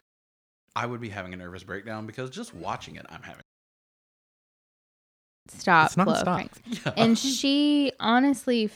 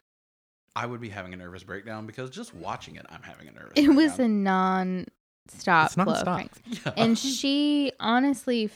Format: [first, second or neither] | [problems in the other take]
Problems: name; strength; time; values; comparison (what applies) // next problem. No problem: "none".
second | audio cutting out; at 3.5 s for 2 s